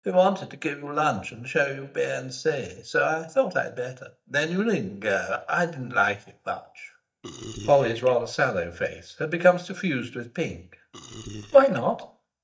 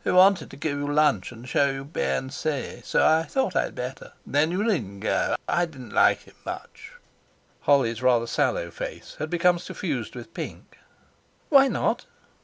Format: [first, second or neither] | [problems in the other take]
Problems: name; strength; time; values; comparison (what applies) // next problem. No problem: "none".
second | noise reduction (neural mask model DeepFilterNet 3)